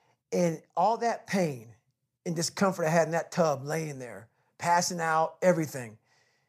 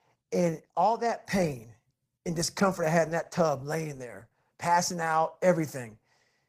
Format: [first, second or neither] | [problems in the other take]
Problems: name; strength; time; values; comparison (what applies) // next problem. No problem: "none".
first | garbled, watery; slightly; nothing above 15 kHz